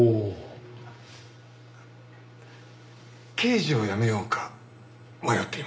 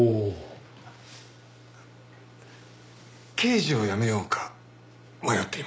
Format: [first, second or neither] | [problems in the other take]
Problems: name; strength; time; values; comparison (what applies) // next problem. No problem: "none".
second | room echo; dies away in 1 s